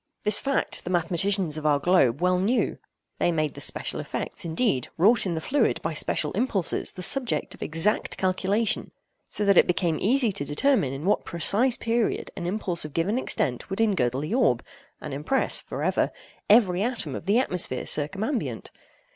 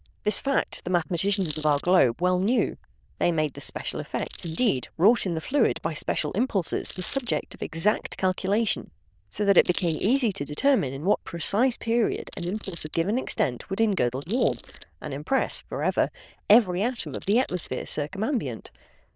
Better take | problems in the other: first | noise reduction (neural diffusion model UNIVERSE++)

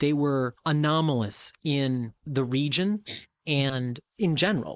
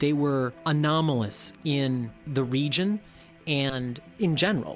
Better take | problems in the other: second | noise reduction (neural mask model Resemble Enhance denoiser)

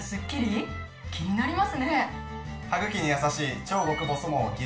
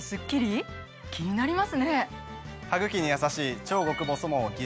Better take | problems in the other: second | room echo; dies away in 0.4 s

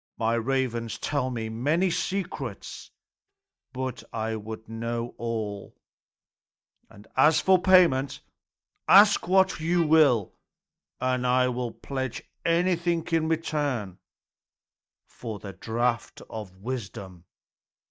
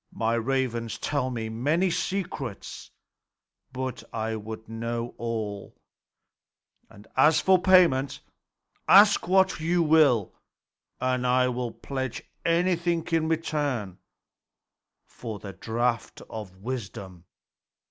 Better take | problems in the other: second | noise reduction (neural mask model DeepFilterNet 3)

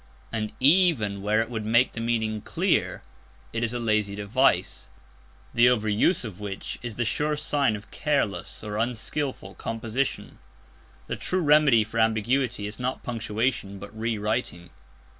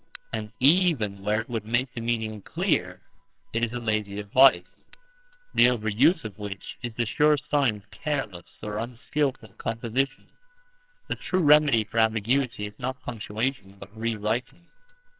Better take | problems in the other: first | noise reduction (neural separator model SepFormer WHAMR!)

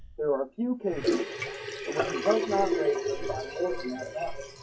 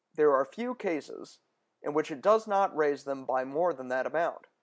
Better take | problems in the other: second | noise reduction (classical method WPE with log-MMSE)

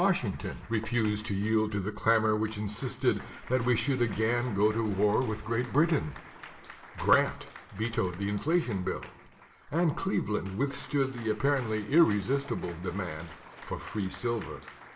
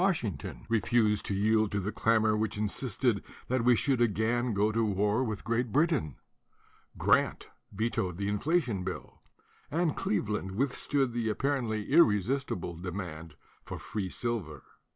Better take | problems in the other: second | background sound (Applause / Cheering); 20 dB below the speech // room echo; dies away in 0.7 s

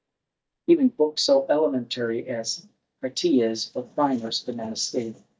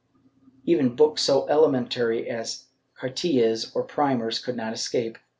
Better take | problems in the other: second | noise reduction (neural mask model DeepFilterNet 3)

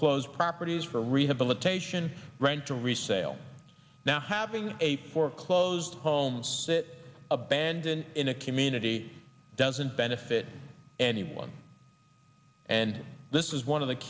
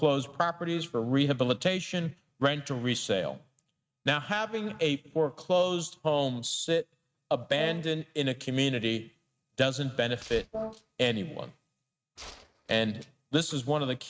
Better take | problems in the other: first | noise reduction (neural mask model RNNoise)

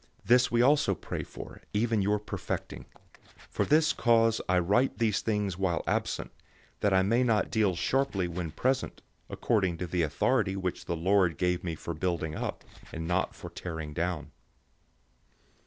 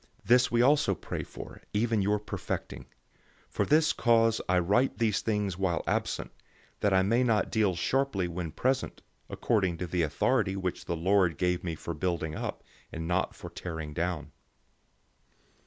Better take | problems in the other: second | noise reduction (neural separator model SepFormer DNS4)

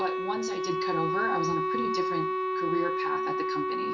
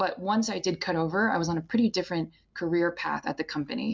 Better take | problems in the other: second | background sound (Wind instrument, woodwind instrument); 4 dB above the speech // room echo; dies away in 0.4 s

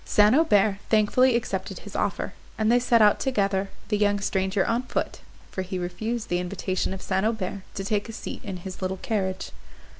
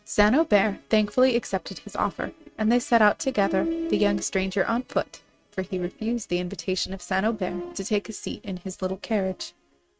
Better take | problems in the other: first | noise reduction (neural mask model RNNoise)

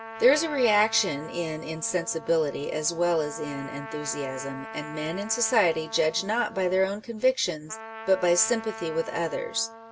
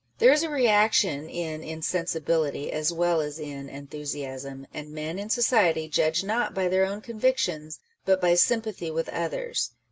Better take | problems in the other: second | background sound (Trumpet); 14 dB below the speech

